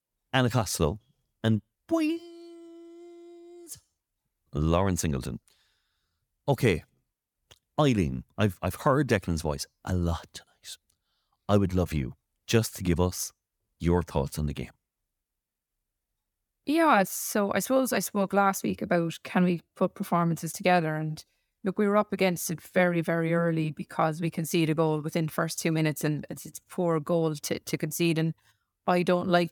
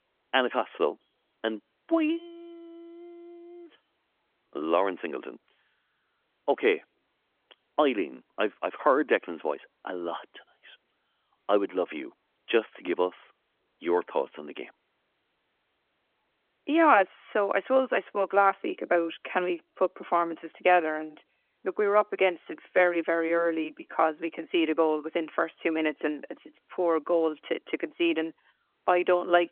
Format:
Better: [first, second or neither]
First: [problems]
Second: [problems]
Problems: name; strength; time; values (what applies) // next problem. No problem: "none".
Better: first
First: none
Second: phone-call audio